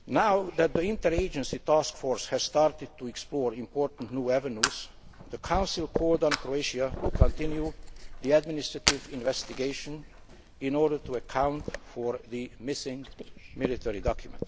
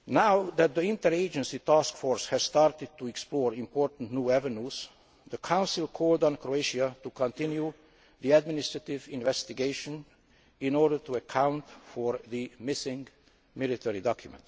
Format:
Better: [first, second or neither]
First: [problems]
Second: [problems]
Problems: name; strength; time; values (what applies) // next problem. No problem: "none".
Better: second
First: background sound (Fire); 5 dB below the speech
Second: none